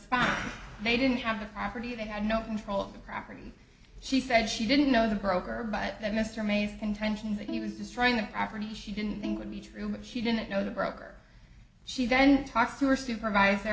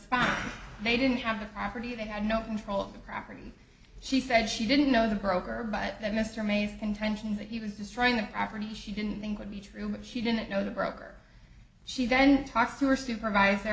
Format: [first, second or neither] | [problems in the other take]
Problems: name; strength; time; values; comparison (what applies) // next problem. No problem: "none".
second | background sound (Bowed string instrument); 14 dB below the speech